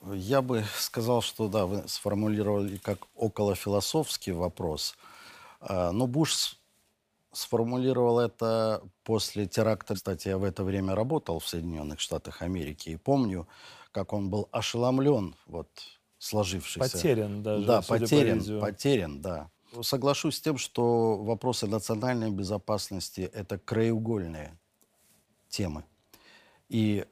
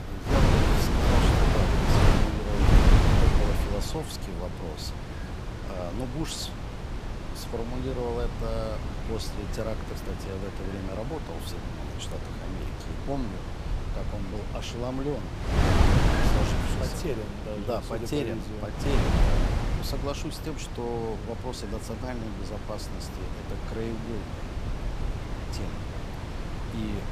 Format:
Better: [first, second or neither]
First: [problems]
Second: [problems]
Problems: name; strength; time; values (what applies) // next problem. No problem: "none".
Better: first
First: none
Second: wind noise on the microphone; heavy; 3 dB above the speech